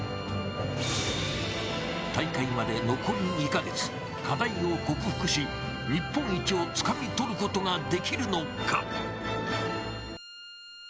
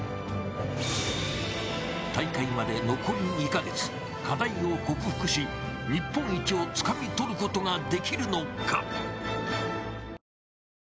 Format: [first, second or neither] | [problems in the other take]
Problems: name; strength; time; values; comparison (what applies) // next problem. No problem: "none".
second | background sound (Bowed string instrument); 17 dB below the speech